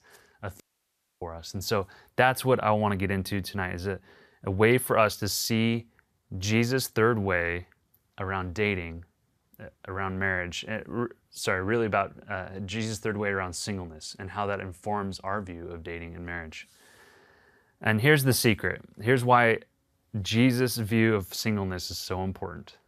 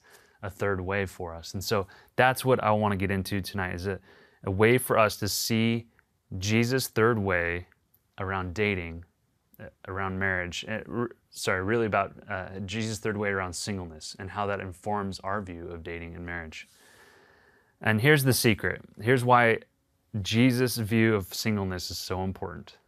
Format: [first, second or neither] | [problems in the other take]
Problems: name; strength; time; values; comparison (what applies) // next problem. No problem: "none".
second | audio cutting out; at 0.5 s for 0.5 s